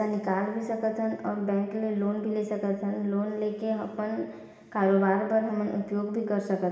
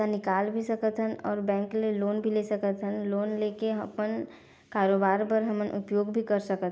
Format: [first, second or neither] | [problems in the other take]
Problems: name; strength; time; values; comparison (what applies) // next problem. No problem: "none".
second | room echo; dies away in 2 s